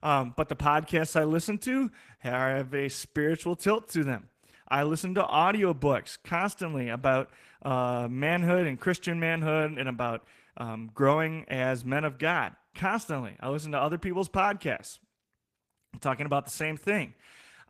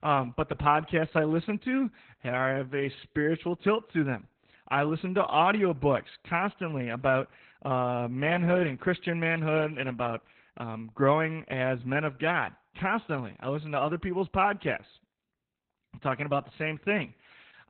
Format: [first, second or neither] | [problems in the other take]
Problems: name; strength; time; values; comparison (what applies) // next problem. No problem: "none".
first | garbled, watery; badly; slightly in the first